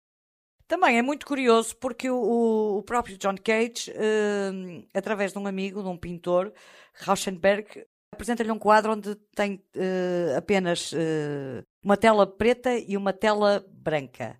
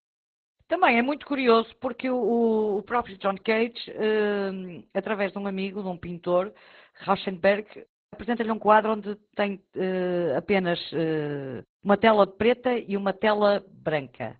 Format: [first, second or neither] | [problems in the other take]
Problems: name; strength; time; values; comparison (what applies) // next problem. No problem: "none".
first | garbled, watery; badly; nothing above 4 kHz